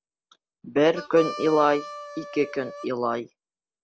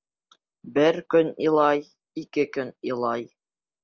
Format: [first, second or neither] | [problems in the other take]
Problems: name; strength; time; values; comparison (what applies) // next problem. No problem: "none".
second | background sound (Harmonica); 12 dB below the speech